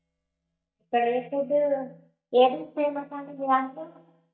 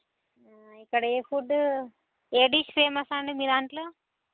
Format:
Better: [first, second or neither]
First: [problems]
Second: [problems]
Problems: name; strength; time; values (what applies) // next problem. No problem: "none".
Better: second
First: noise reduction (neural mask model DeepFilterNet 3)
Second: none